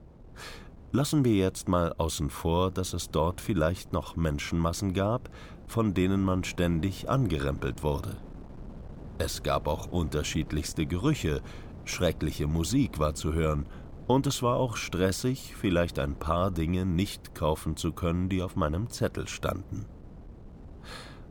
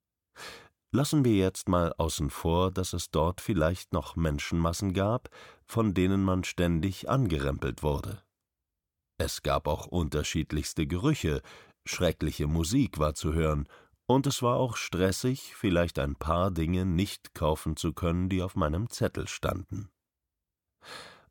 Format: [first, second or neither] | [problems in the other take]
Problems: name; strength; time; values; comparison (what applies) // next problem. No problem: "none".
second | wind noise on the microphone; occasional gusts; 20 dB below the speech